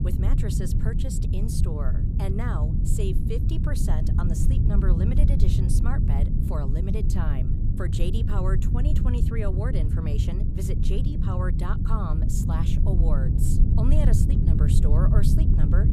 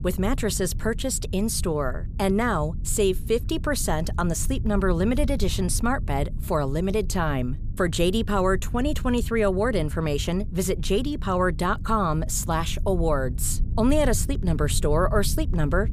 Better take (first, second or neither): second